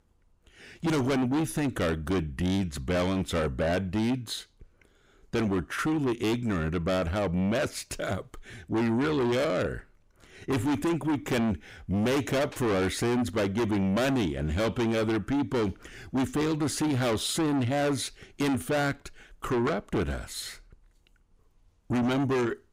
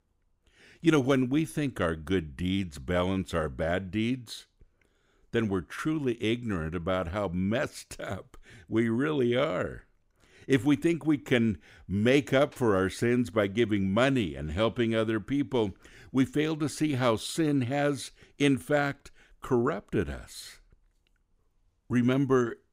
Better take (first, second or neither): second